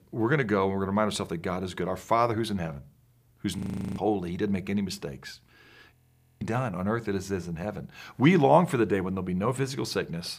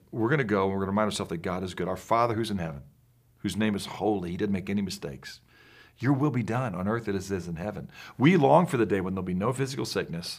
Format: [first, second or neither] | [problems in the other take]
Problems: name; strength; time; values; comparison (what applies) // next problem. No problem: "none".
second | audio freezing; at 3.5 s and at 6 s